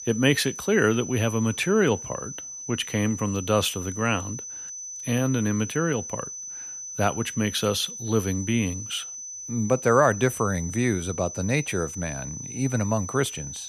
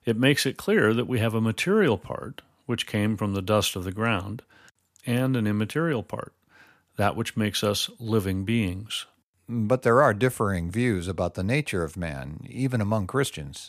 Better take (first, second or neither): second